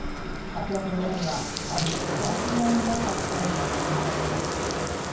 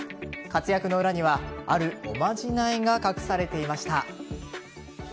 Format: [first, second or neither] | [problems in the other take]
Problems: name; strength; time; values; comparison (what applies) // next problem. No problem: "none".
second | background sound (Bathtub (filling or washing)); 1 dB above the speech // room echo; dies away in 0.9 s